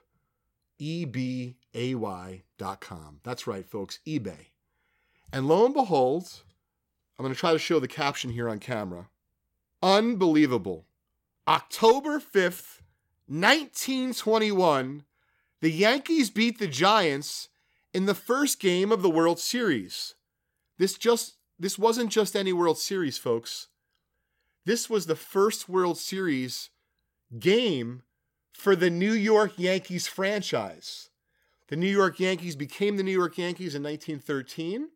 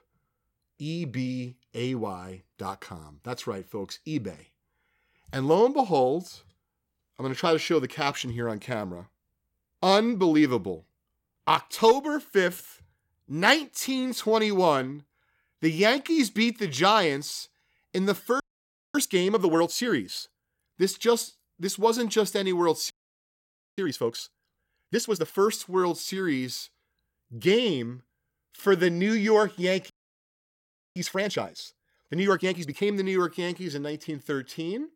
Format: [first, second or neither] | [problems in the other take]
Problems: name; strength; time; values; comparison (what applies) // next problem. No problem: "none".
first | audio freezing; at 18 s for 0.5 s, at 23 s for 1 s and at 30 s for 1 s